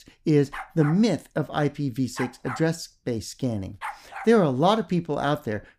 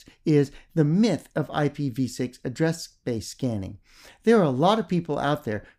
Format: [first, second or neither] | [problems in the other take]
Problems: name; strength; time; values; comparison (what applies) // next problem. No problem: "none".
second | dog barking; faint; from 0.5 to 4.5 s; peak 10 dB below the speech